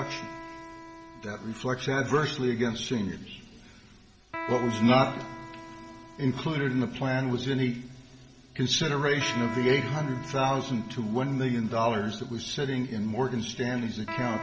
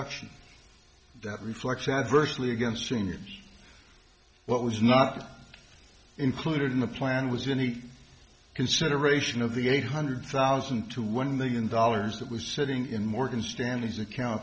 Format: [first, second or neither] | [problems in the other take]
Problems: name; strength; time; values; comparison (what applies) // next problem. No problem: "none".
second | background sound (Electric guitar); 14 dB below the speech // room echo; dies away in 2.5 s